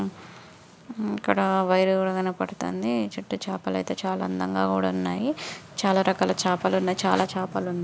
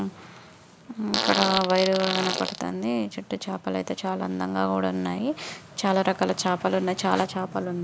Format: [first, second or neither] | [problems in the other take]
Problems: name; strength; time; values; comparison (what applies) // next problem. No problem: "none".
first | background sound (Fart); 3 dB below the speech